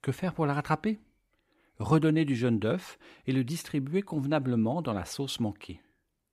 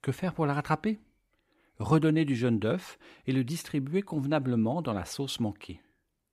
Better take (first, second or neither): neither